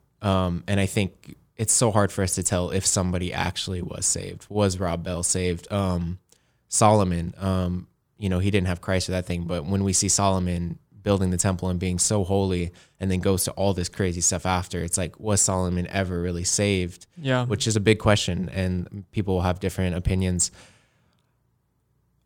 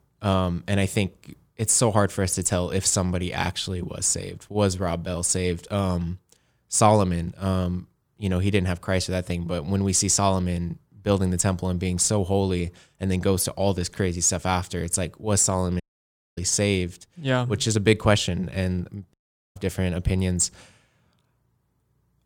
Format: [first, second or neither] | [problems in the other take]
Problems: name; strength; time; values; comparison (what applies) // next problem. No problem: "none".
first | audio cutting out; at 16 s for 0.5 s and at 19 s